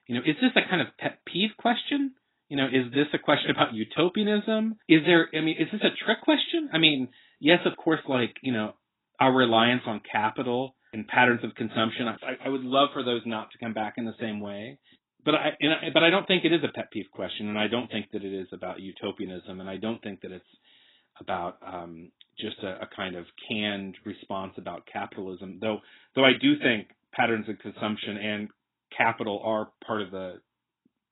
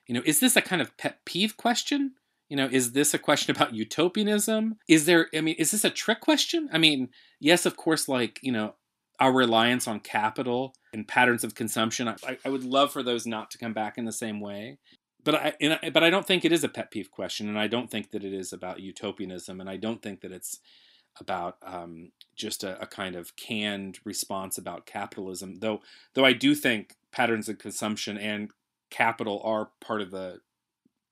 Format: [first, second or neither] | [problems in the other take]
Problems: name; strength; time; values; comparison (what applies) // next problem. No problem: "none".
second | garbled, watery; badly; nothing above 4 kHz